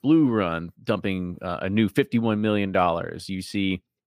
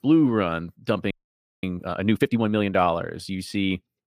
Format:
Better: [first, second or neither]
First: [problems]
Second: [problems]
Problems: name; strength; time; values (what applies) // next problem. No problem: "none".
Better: first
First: none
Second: audio freezing; at 1 s for 0.5 s